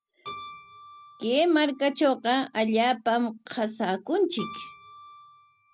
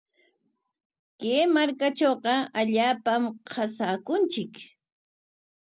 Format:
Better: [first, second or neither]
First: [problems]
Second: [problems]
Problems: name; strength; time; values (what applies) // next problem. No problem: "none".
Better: second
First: background sound (Keyboard (musical)); 20 dB below the speech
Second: none